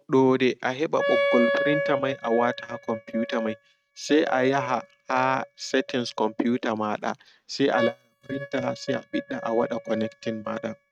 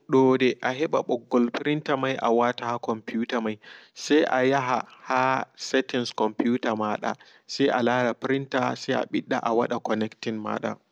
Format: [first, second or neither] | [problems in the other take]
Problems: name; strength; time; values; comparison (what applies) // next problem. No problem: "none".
second | noise reduction (neural mask model RNNoise)